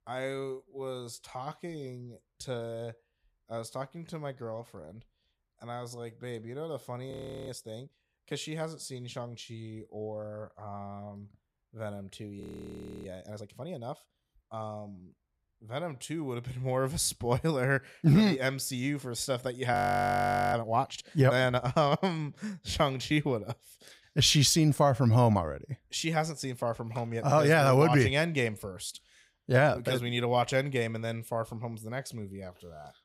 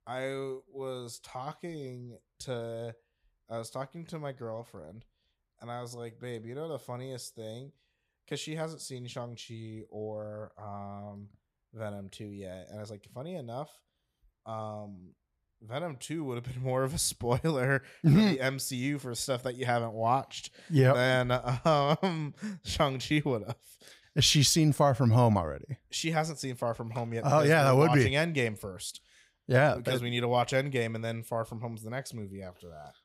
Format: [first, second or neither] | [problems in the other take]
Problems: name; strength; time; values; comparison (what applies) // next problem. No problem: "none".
second | audio freezing; at 7 s, at 12 s for 0.5 s and at 20 s for 1 s